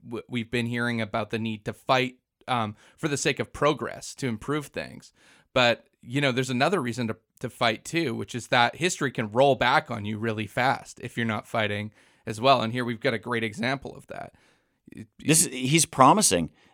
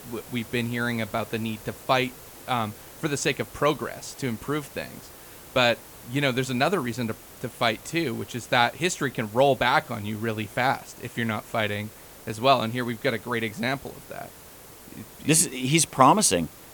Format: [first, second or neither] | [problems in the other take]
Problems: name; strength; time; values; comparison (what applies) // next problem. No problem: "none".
first | hiss; noticeable; throughout; 20 dB below the speech